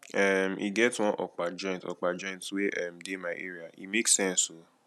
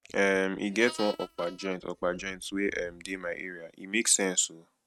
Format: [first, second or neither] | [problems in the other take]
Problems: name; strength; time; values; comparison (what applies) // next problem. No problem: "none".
first | noise reduction (neural mask model RNNoise)